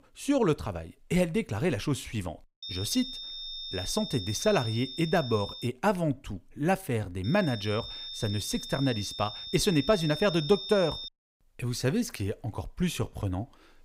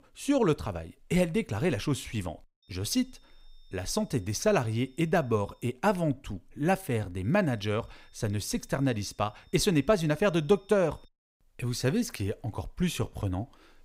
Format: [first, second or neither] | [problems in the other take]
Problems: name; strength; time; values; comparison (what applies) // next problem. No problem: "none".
second | high-pitched whine; loud; from 2.5 to 5.5 s and from 7 to 11 s; 3.5 kHz, 8 dB below the speech; faint in the second